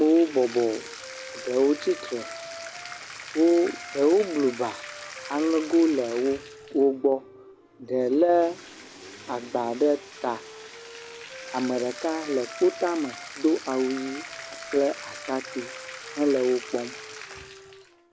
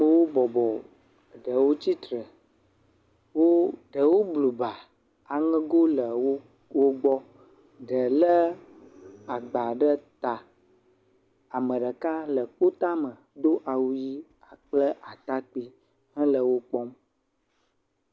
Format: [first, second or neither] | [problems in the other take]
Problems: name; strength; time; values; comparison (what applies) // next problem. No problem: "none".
second | background sound (Bathtub (filling or washing) + Wind instrument, woodwind instrument); 14 dB below the speech